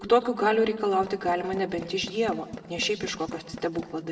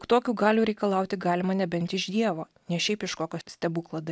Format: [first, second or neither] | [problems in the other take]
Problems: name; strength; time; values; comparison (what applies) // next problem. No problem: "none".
second | background sound (Tools); 16 dB below the speech // room echo; dies away in 1 s